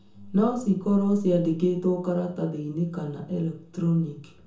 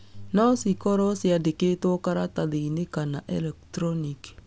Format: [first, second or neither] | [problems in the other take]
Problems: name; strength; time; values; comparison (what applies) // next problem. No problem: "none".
second | room echo; dies away in 0.6 s